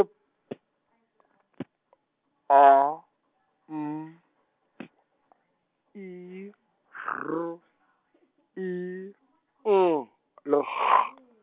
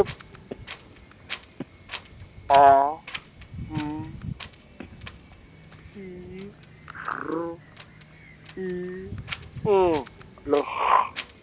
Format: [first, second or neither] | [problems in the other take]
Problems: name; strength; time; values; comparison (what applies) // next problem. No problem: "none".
first | background sound (Wind); 14 dB below the speech